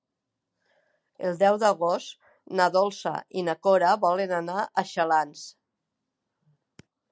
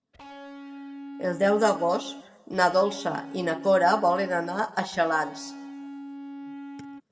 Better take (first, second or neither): first